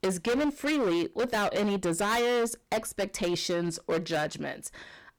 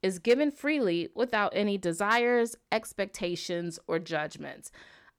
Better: second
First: distortion; heavy; 21% of the sound clipped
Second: none

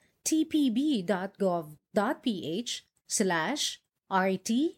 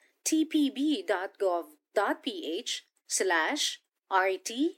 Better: first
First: none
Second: thin; very slightly; fading below 300 Hz

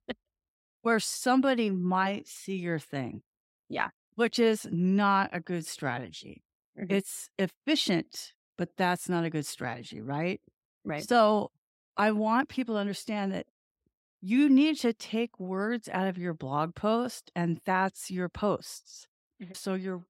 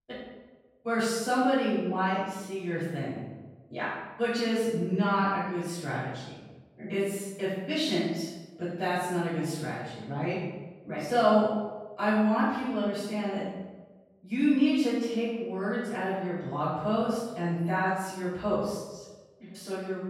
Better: first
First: none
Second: room echo; strong; dies away in 1 s // off-mic speech; far

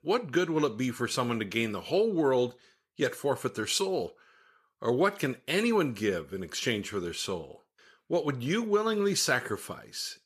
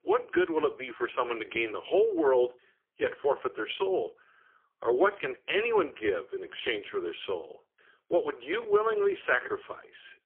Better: first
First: none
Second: phone-call audio; poor line; nothing above 3.5 kHz

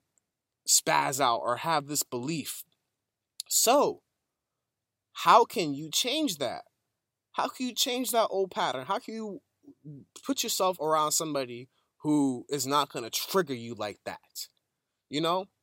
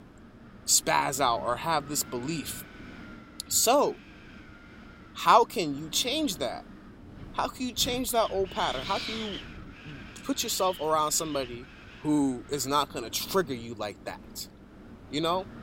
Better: first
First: none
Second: wind noise on the microphone; occasional gusts; 15 dB below the speech

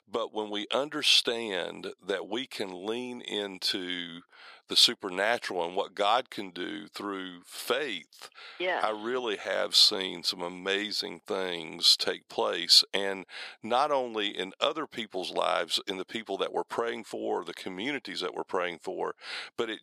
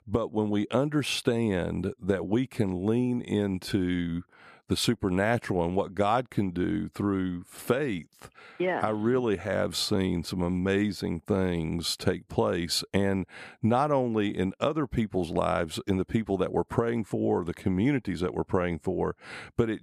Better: second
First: thin; somewhat; fading below 500 Hz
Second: none

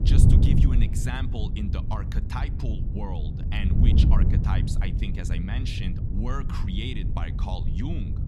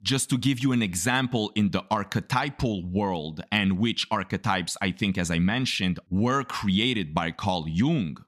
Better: second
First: wind noise on the microphone; heavy; 2 dB below the speech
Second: none

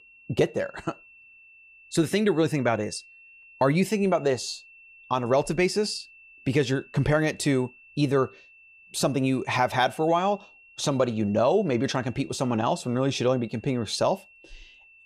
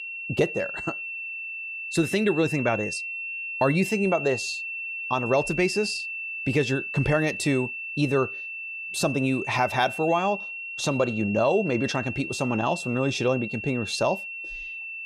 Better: first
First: high-pitched whine; faint; throughout; 2.5 kHz, 25 dB below the speech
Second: high-pitched whine; loud; throughout; 2.5 kHz, 6 dB below the speech

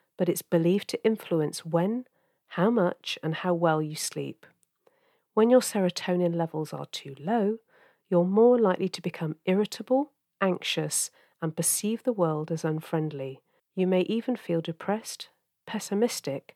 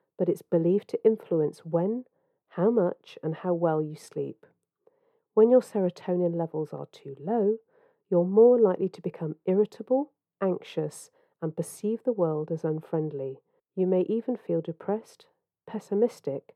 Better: first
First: none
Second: muffled; very; fading above 1.5 kHz

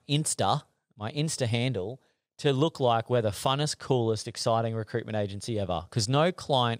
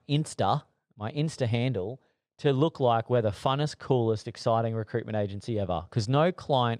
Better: first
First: none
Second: muffled; slightly; fading above 2 kHz

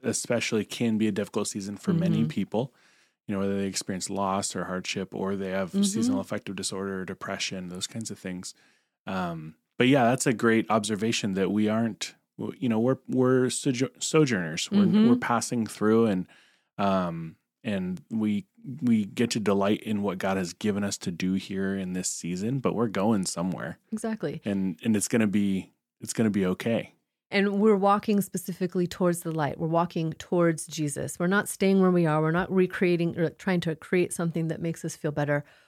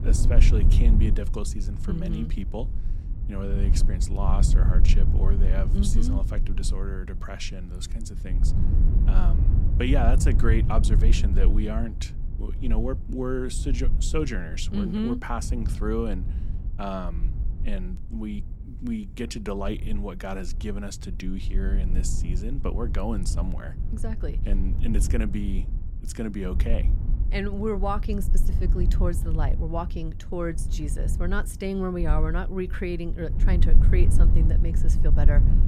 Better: first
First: none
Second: low rumble; loud; throughout; 9 dB below the speech

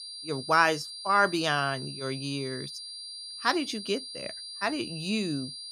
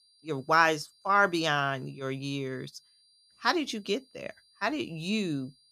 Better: second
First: high-pitched whine; loud; throughout; 4.5 kHz, 10 dB below the speech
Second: high-pitched whine; faint; throughout; 4.5 kHz, 30 dB below the speech

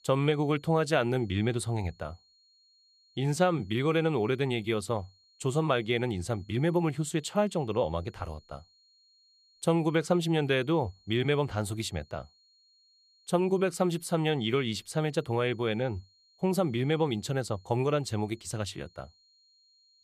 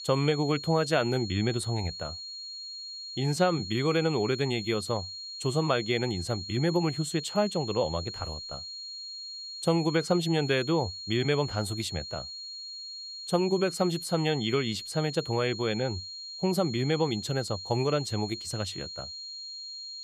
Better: first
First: high-pitched whine; faint; throughout; 4.5 kHz, 35 dB below the speech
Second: high-pitched whine; loud; throughout; 4.5 kHz, 9 dB below the speech

